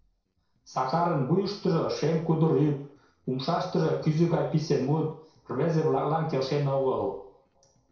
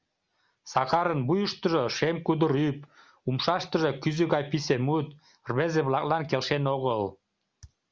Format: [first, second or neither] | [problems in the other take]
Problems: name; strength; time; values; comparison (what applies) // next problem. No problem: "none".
second | noise reduction (neural separator model SepFormer DNS4)